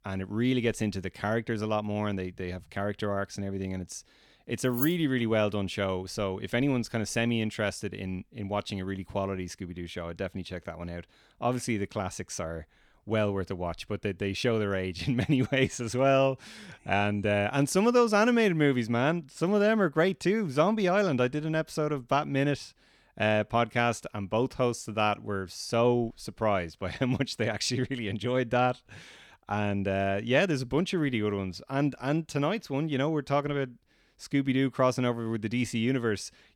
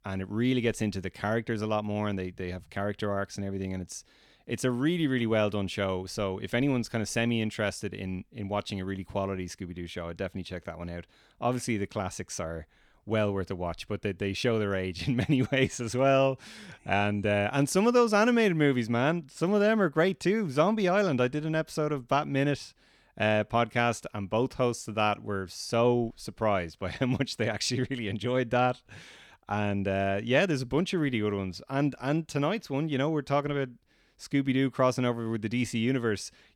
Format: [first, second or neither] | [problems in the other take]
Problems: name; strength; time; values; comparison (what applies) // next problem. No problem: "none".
second | jangling keys; noticeable; at 5 s; peak 4 dB below the speech